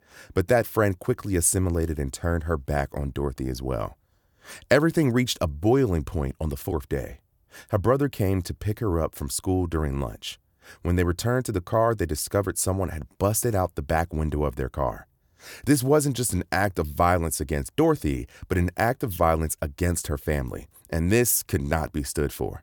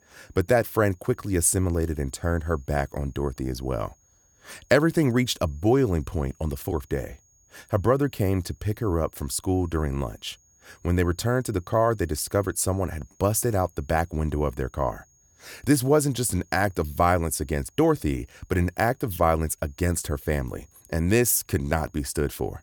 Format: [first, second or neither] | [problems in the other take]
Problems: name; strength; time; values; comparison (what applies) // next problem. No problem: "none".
first | high-pitched whine; faint; throughout; 6.5 kHz, 35 dB below the speech